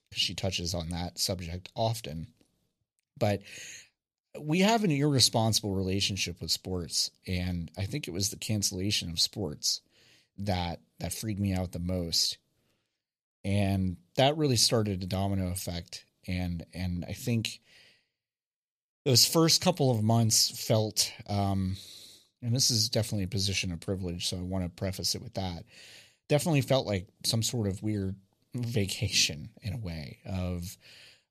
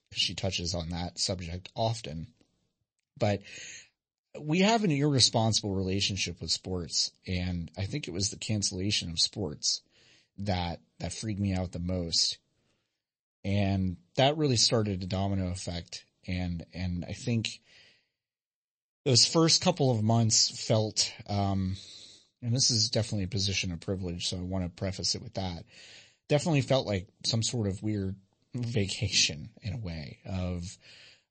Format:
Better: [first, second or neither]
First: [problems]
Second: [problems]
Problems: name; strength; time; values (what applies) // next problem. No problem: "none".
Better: first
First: none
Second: garbled, watery; slightly; nothing above 8 kHz